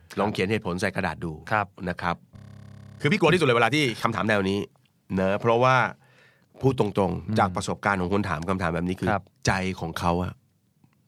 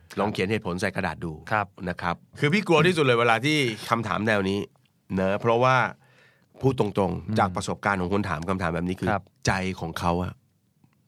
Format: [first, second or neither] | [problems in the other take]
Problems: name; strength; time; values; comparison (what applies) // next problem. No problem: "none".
second | audio freezing; at 2.5 s for 0.5 s